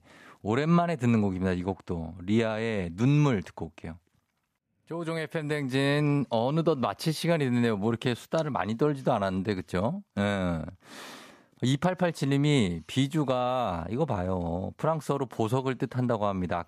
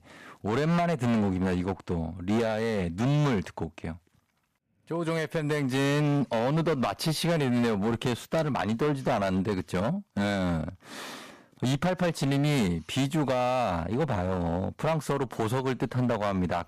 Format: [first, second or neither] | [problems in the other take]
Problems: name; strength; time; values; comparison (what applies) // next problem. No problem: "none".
first | distortion; heavy; 15% of the sound clipped